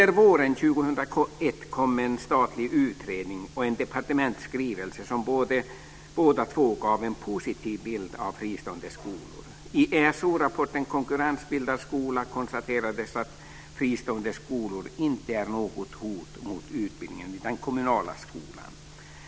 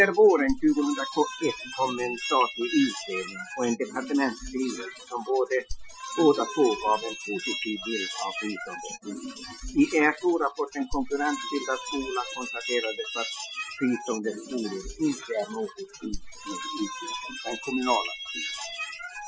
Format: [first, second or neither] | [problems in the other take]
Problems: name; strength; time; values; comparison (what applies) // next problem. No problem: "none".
first | noise reduction (classical method Wiener filter)